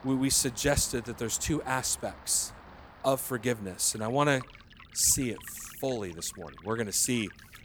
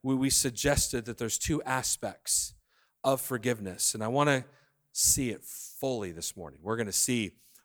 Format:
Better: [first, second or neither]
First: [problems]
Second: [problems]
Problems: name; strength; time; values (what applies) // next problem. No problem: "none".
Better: second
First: rain or running water; faint; throughout; 20 dB below the speech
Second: none